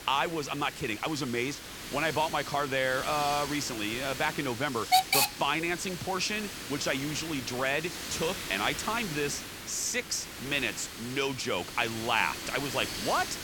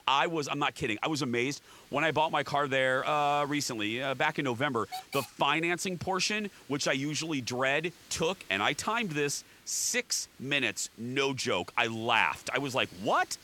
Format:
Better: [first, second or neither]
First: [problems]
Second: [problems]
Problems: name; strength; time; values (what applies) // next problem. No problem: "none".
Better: second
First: hiss; loud; throughout; 4 dB below the speech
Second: hiss; faint; throughout; 20 dB below the speech